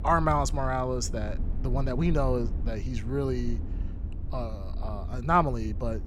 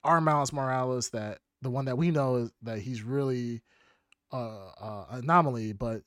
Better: second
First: low rumble; noticeable; throughout; 20 dB below the speech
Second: none

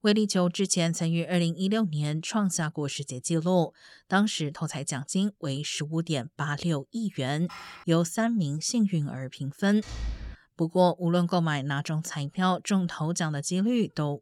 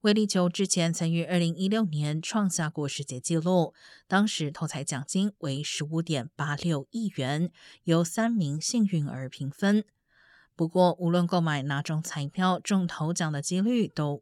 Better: second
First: clattering dishes; faint; at 7.5 s; peak 15 dB below the speech // door banging; noticeable; at 10 s; peak 9 dB below the speech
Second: none

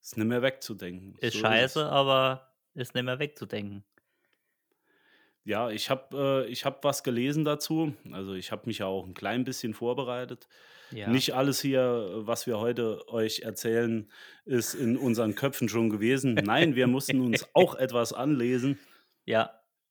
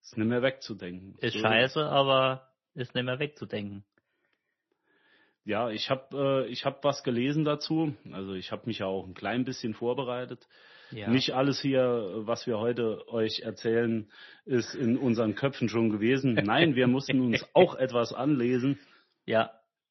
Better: first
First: none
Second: garbled, watery; slightly; nothing above 6 kHz

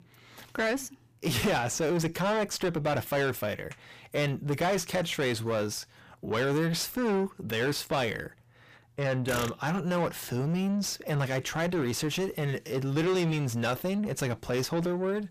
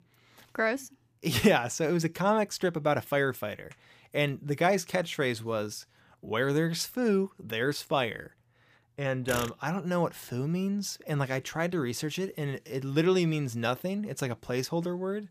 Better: second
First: distortion; heavy; 6 dB below the speech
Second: none

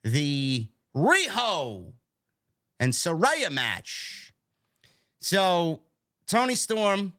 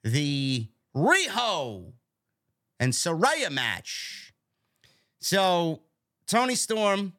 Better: second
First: garbled, watery; slightly; nothing above 15.5 kHz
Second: none

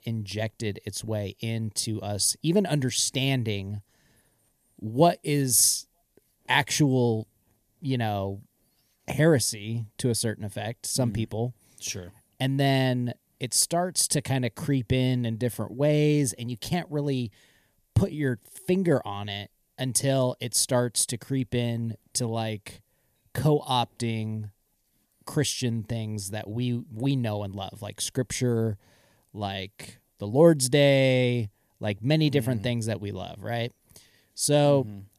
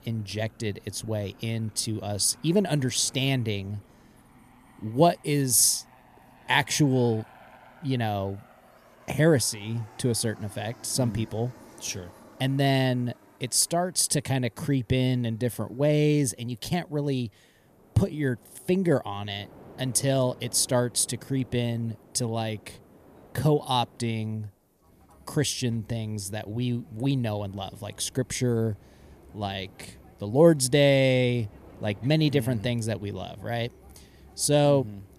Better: first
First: none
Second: train or aircraft noise; faint; throughout; 25 dB below the speech

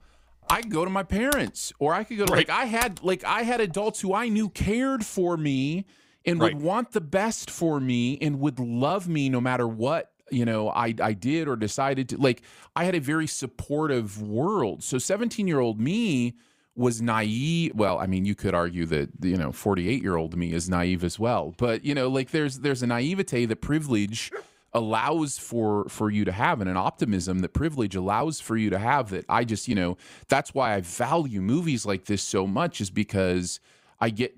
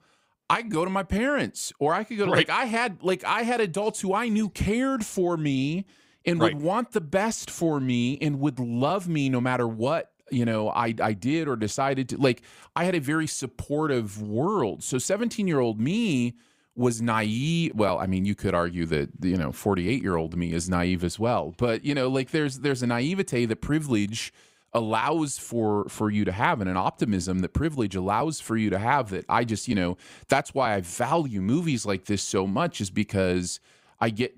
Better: second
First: keyboard typing; noticeable; until 3 s; peak 7 dB below the speech // dog barking; faint; at 24 s; peak 15 dB below the speech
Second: none

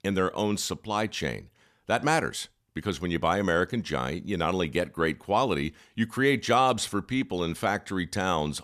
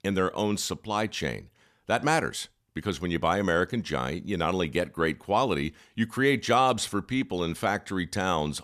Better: neither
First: none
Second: none

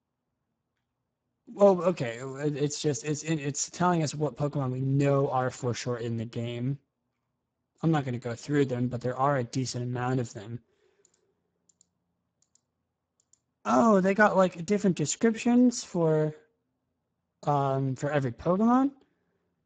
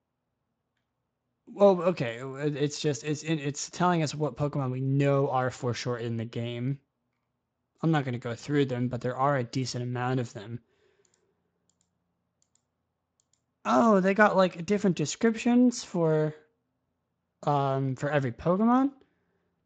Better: second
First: garbled, watery; badly; nothing above 7.5 kHz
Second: garbled, watery; slightly; nothing above 7.5 kHz

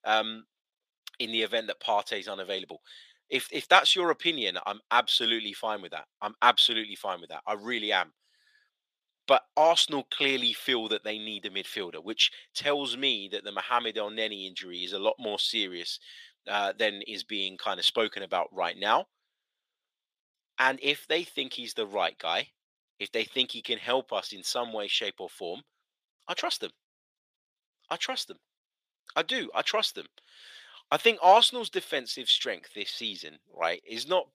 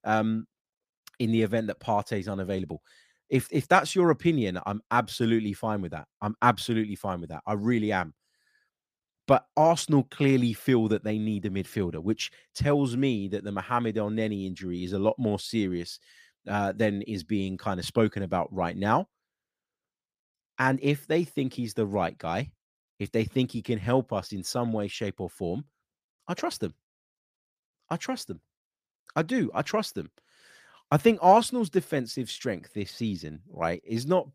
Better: second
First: thin; very; fading below 550 Hz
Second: none

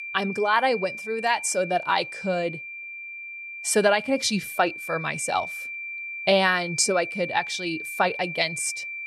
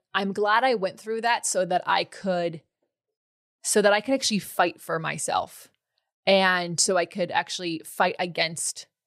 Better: second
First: high-pitched whine; loud; throughout; 2.5 kHz, 9 dB below the speech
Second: none

